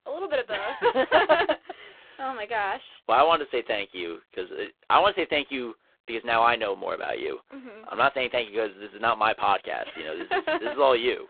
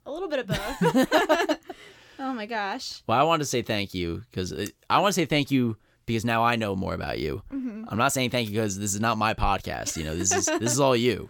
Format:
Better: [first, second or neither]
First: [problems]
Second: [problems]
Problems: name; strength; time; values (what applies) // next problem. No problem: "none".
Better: second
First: phone-call audio; poor line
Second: none